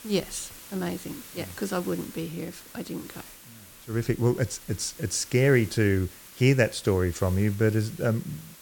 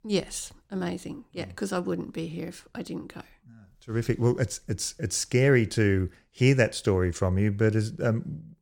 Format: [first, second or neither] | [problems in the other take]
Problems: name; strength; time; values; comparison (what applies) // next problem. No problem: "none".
second | hiss; noticeable; throughout; 15 dB below the speech